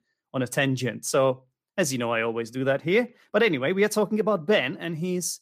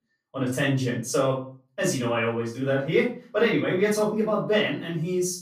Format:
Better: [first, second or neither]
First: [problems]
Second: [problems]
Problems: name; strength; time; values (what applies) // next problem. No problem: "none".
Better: first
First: none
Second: off-mic speech; far // room echo; noticeable; dies away in 0.3 s